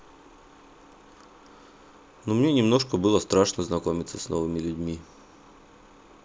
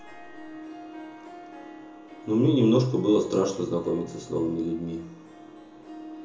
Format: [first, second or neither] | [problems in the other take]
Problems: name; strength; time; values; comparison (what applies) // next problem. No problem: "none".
first | background sound (Harp); 17 dB below the speech // room echo; dies away in 0.7 s